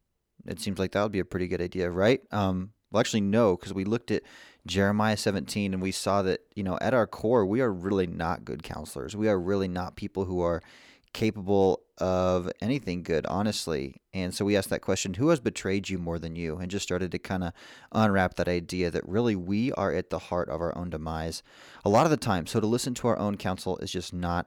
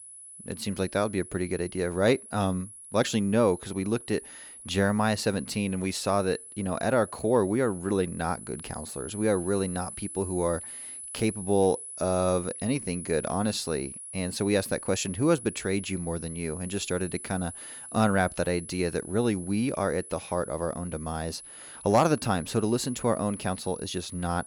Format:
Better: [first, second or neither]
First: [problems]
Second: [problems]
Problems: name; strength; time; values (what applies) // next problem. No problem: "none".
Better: first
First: none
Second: high-pitched whine; noticeable; throughout; 10 kHz, 10 dB below the speech